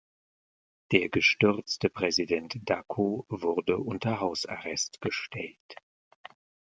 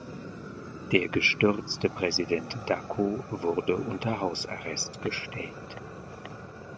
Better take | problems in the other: first | background sound (Fire); 11 dB below the speech

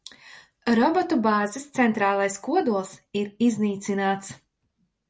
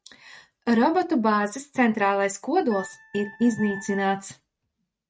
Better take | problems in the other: first | noise reduction (neural mask model RNNoise)

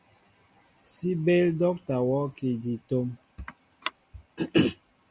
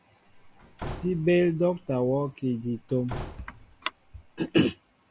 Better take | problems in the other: first | background sound (Slam / Wood); 15 dB below the speech

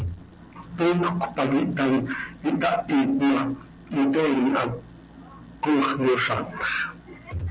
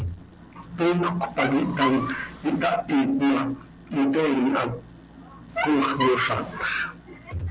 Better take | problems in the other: first | background sound (Squeak); 6 dB below the speech

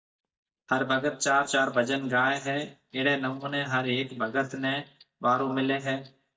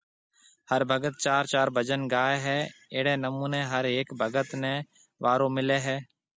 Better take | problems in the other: second | noise reduction (neural mask model DeepFilterNet 3)

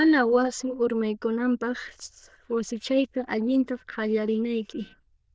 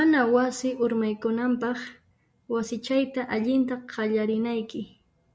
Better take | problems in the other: second | noise reduction (neural diffusion model UNIVERSE++)

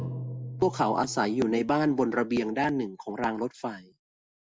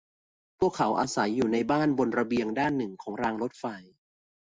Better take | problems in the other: second | background sound (Drum); 14 dB below the speech

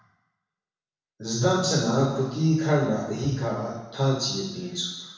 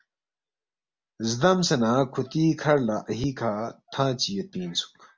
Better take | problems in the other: second | room echo; dies away in 1 s

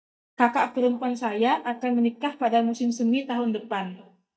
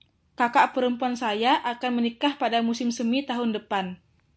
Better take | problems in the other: second | noise reduction (neural mask model DeepFilterNet 3)

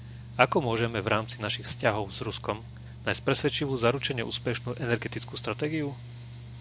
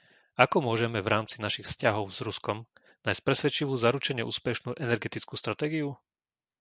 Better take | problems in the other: second | background sound (Mechanical fan); 12 dB below the speech

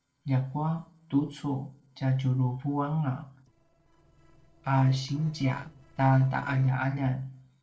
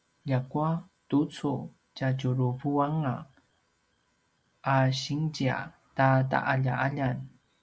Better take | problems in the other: second | noise reduction (neural separator model SepFormer DNS4)

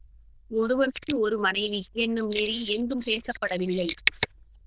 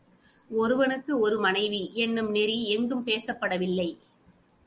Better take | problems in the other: second | noise reduction (neural diffusion model UNIVERSE++)

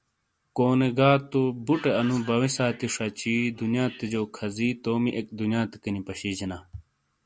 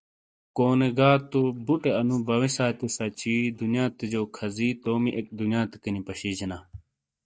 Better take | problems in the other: first | noise reduction (neural mask model DeepFilterNet 3)

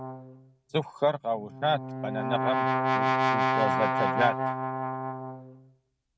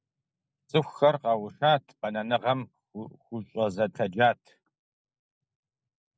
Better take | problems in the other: second | background sound (Brass instrument); 3 dB above the speech

